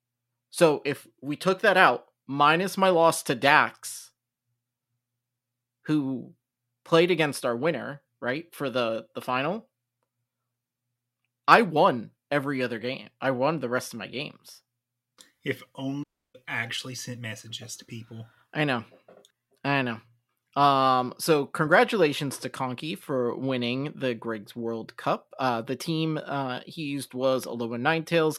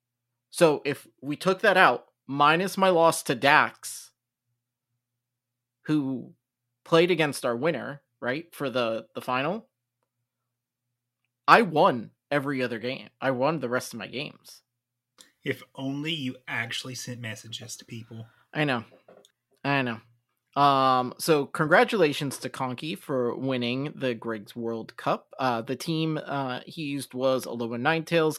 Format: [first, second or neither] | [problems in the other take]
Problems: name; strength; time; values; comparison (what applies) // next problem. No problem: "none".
second | audio cutting out; at 16 s